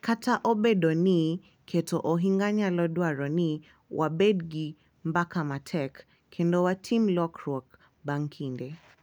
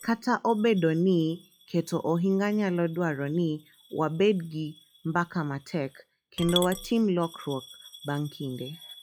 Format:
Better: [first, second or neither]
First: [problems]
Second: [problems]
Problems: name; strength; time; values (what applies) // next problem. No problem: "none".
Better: first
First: none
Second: noise reduction (classical method log-MMSE)